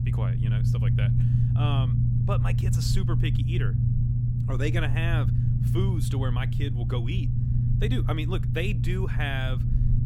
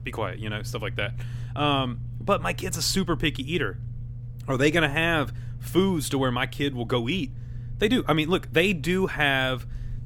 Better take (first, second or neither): second